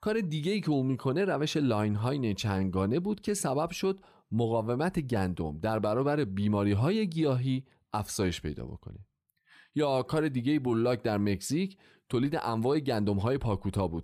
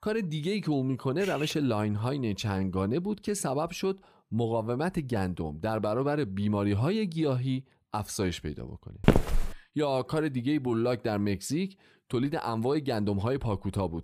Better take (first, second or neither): first